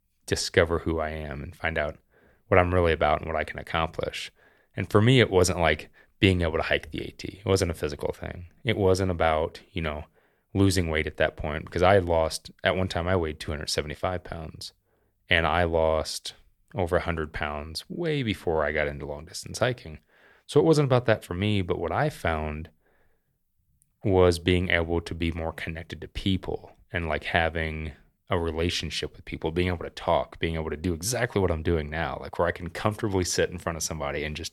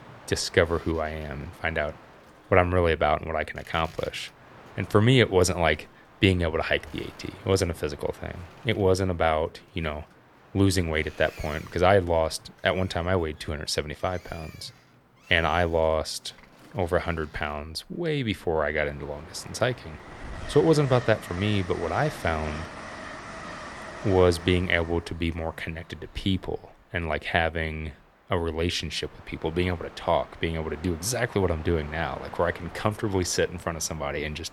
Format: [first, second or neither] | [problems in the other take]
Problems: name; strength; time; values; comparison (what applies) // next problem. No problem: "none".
first | train or aircraft noise; noticeable; throughout; 20 dB below the speech